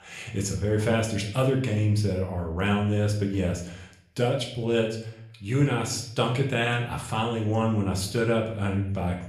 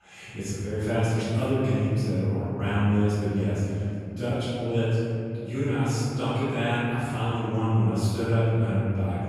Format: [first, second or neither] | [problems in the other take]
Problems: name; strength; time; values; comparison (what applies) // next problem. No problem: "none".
first | room echo; strong; dies away in 3 s; slight in the first // off-mic speech; far; somewhat distant in the first